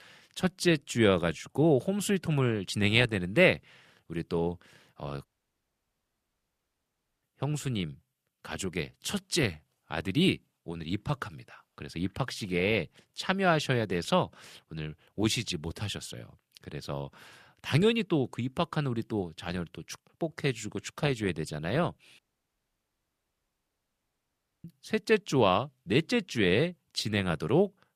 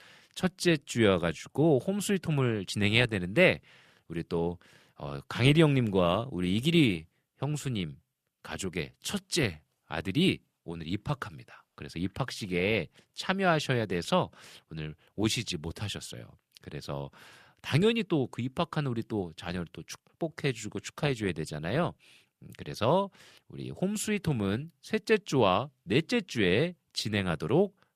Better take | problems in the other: second | audio cutting out; at 5.5 s for 2 s and at 22 s for 2.5 s

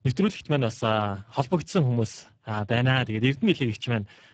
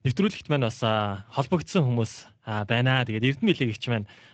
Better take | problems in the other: second | garbled, watery; badly; nothing above 8 kHz; slightly in the second

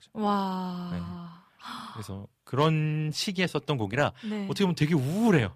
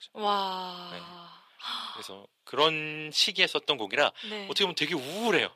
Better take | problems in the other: first | thin; somewhat; fading below 450 Hz

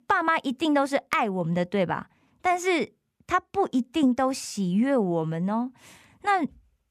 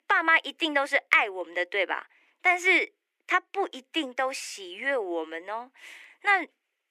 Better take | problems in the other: first | thin; very; fading below 300 Hz

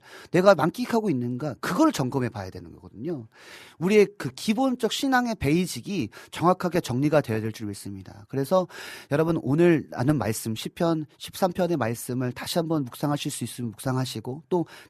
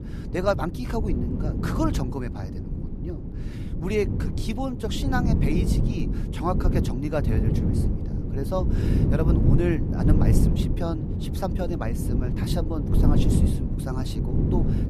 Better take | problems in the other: first | wind noise on the microphone; heavy; 3 dB below the speech

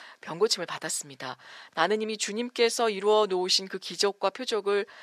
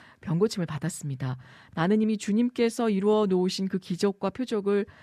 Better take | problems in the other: second | thin; very; fading below 600 Hz

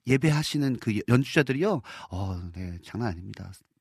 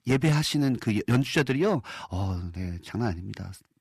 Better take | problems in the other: first | distortion; slight; 10 dB below the speech

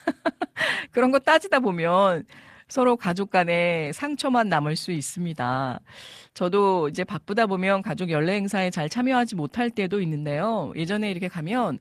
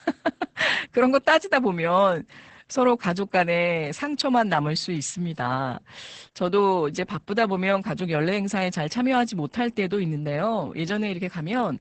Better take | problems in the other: first | garbled, watery; badly; nothing above 8 kHz; slightly in the first

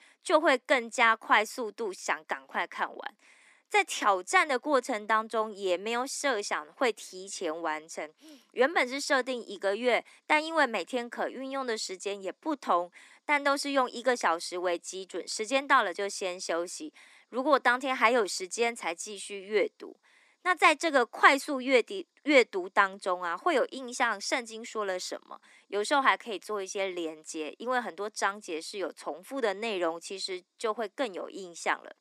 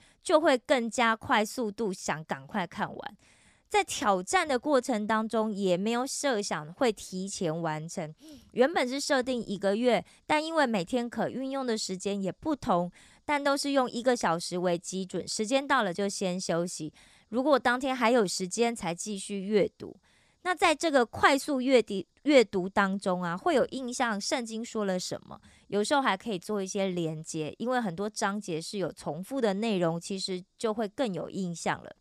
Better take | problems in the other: second | thin; somewhat; fading below 250 Hz

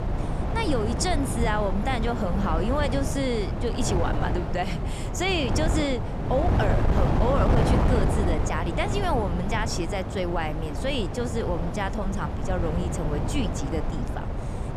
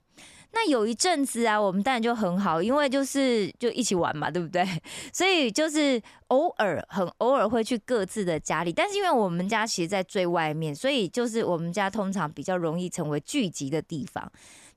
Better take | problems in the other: second | wind noise on the microphone; heavy; 4 dB below the speech

